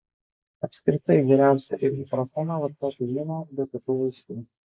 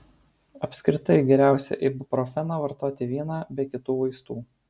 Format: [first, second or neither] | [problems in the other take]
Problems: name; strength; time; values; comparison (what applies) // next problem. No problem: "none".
second | noise reduction (neural mask model Resemble Enhance denoiser)